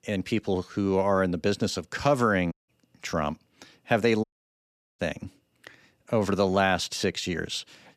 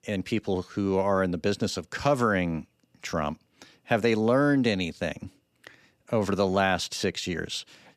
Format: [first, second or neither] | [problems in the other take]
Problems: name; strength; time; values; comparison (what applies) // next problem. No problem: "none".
second | audio cutting out; at 2.5 s and at 4 s for 1 s